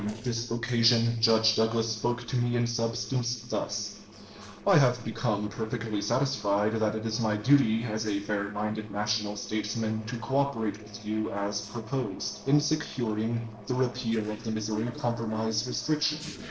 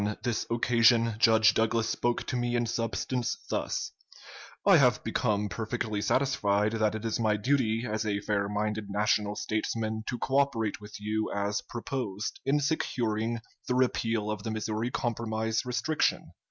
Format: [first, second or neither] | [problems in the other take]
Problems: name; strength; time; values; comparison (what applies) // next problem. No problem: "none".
second | noise reduction (neural separator model SepFormer DNS4)